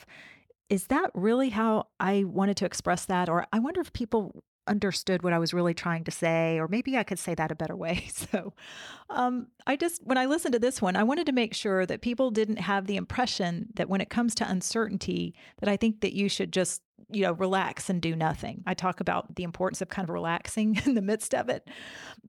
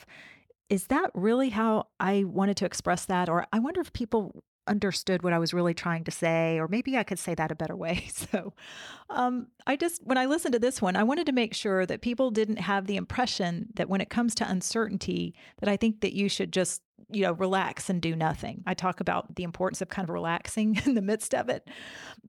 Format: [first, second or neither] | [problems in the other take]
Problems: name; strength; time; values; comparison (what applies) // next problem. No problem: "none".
neither | none